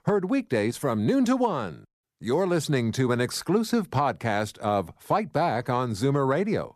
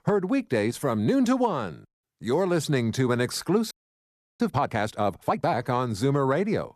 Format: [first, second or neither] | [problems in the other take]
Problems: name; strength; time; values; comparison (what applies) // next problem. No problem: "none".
first | audio freezing; at 3.5 s for 0.5 s